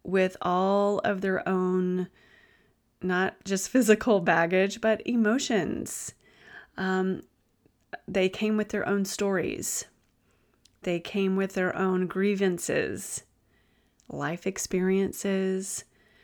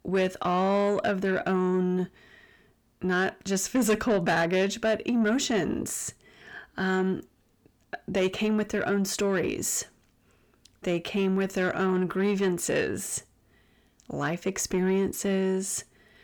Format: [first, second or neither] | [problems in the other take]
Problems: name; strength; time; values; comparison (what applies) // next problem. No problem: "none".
first | distortion; slight; 10 dB below the speech